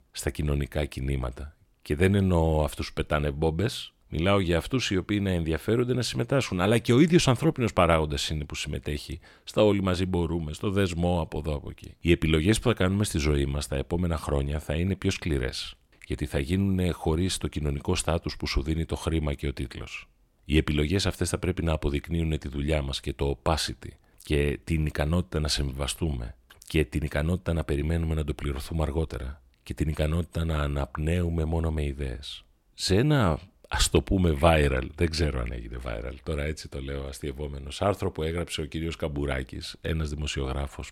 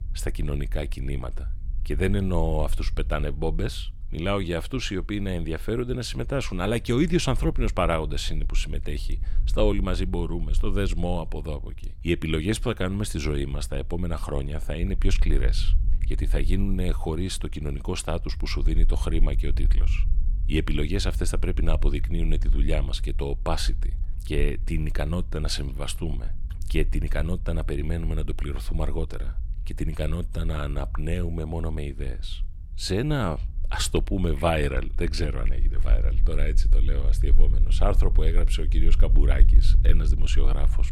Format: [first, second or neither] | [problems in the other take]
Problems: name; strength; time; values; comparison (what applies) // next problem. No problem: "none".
first | low rumble; noticeable; throughout; 20 dB below the speech